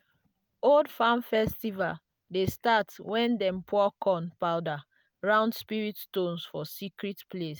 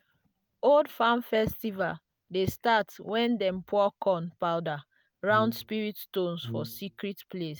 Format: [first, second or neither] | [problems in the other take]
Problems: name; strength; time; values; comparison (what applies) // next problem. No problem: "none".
first | background sound (Brass instrument); 11 dB below the speech